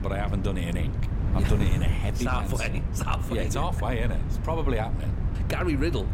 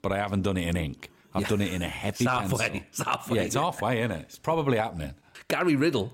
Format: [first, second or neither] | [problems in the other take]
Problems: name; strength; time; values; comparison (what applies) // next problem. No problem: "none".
second | wind noise on the microphone; heavy; 9 dB below the speech